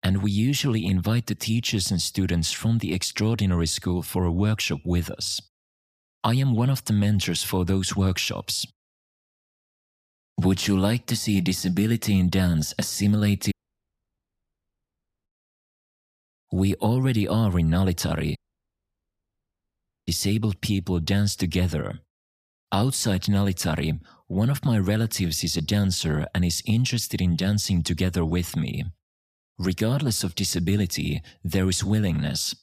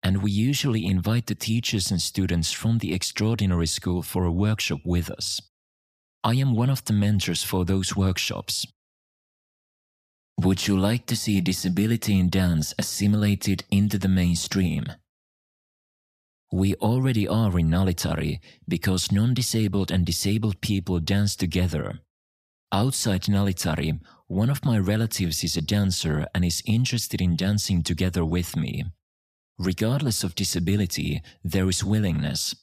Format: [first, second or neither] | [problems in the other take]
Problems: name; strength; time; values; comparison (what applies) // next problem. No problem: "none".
second | audio cutting out; at 14 s for 1.5 s and at 18 s for 1.5 s